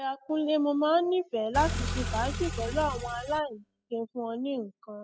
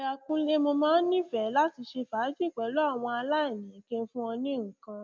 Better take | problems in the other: second | noise reduction (classical method spectral subtraction)

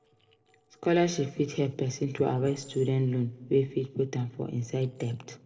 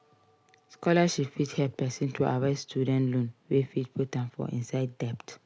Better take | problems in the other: second | noise reduction (neural separator model SepFormer DNS4)

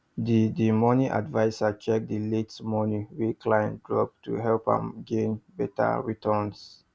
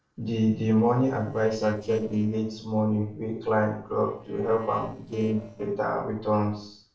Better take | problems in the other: first | noise reduction (neural separator model SepFormer DNS4)

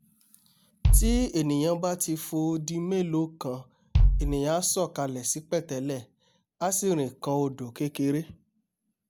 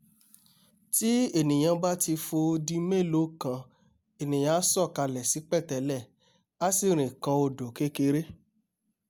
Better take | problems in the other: second | background sound (Bass drum); 2 dB above the speech

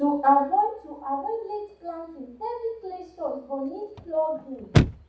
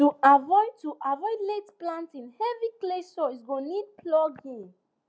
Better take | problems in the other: second | background sound (Chirp, tweet / Slam / Car); 4 dB below the speech // room echo; dies away in 0.7 s

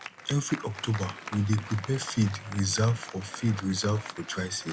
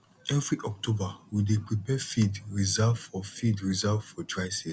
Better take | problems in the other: second | background sound (Applause); 13 dB below the speech

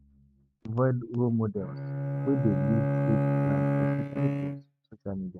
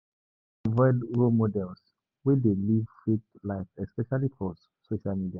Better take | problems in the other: second | noise reduction (neural mask model RNNoise)

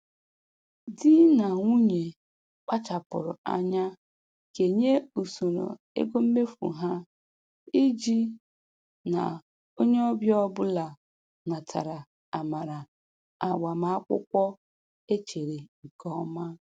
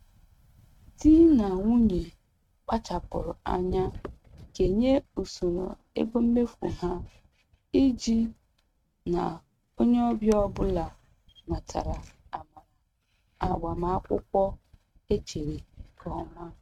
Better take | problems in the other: first | noise reduction (neural mask model RNNoise)

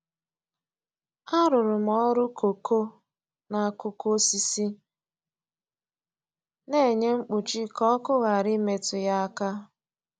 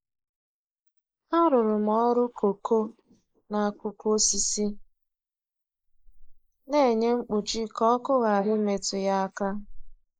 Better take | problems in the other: first | noise reduction (neural mask model Resemble Enhance denoiser)

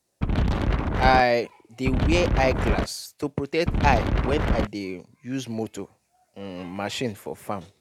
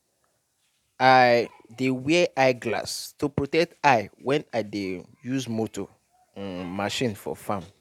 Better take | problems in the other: second | background sound (Wind); 4 dB above the speech

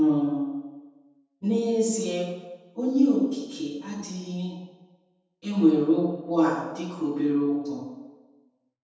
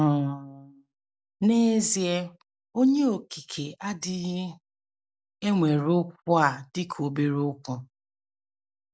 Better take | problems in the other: second | room echo; dies away in 1.1 s

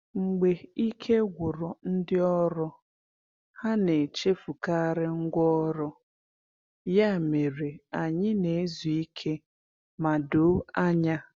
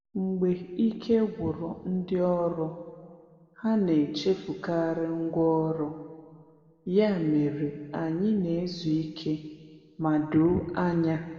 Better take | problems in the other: first | room echo; dies away in 1.7 s

